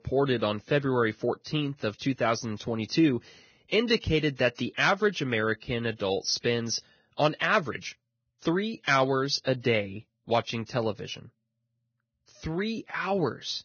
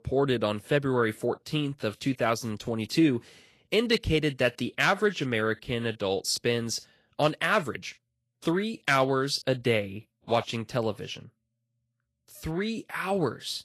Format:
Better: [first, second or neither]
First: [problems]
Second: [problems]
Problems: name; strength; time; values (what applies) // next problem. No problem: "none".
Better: second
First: garbled, watery; badly; nothing above 6 kHz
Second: garbled, watery; slightly; nothing above 12.5 kHz